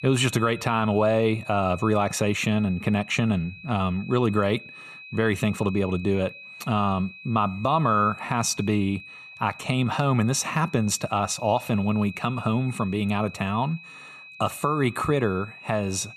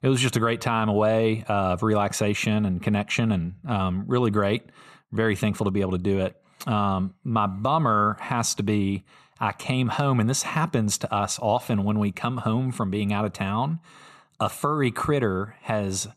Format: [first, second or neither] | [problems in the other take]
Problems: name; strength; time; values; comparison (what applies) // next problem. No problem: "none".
second | high-pitched whine; noticeable; throughout; 2.5 kHz, 15 dB below the speech